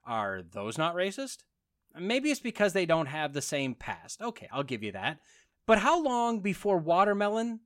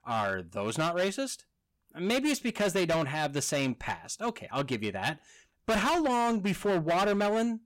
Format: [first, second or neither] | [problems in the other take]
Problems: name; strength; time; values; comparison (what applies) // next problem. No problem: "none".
first | distortion; heavy; 14% of the sound clipped